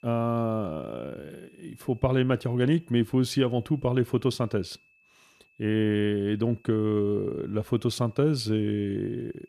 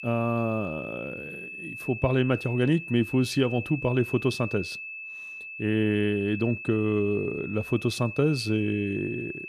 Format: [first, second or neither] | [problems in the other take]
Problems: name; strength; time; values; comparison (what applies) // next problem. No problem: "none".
first | high-pitched whine; loud; throughout; 2.5 kHz, 10 dB below the speech; faint in the first